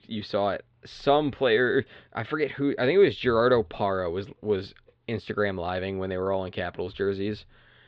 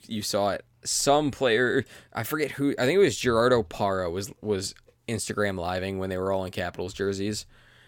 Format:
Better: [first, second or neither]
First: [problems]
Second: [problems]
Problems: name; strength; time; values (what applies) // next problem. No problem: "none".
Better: second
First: muffled; slightly; fading above 3.5 kHz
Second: none